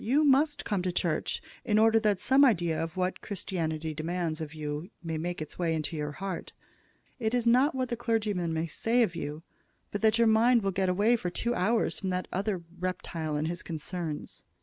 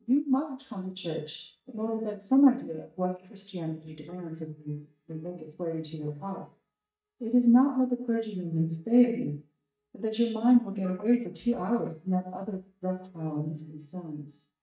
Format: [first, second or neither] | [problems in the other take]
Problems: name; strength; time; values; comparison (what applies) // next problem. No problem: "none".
first | noise reduction (neural mask model DeepFilterNet 3)